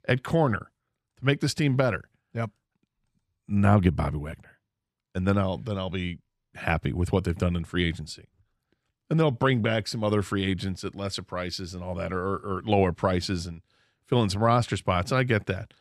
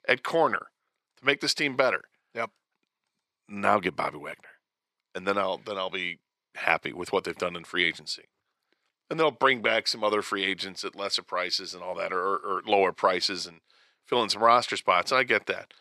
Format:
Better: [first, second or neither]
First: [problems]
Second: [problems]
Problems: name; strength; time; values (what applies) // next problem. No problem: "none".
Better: first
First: none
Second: thin; very; fading below 450 Hz